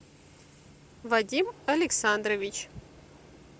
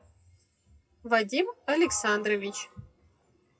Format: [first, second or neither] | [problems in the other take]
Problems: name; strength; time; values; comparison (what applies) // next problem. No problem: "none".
first | noise reduction (classical method WPE with log-MMSE)